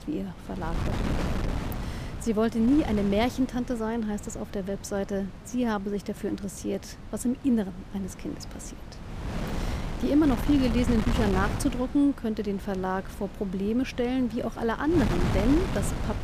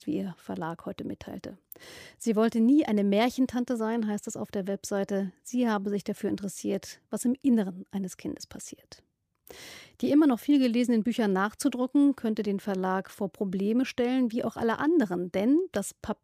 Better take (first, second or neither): second